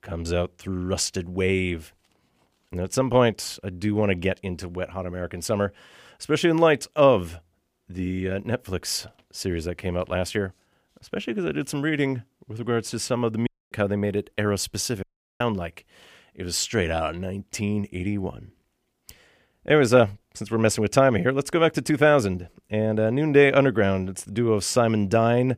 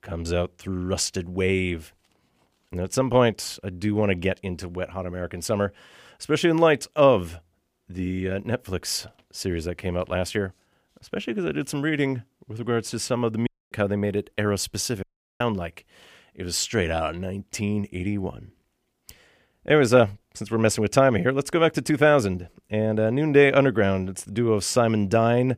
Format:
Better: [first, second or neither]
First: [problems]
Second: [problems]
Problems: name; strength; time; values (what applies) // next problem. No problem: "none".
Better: neither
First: audio cutting out; at 13 s and at 15 s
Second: audio cutting out; at 13 s and at 15 s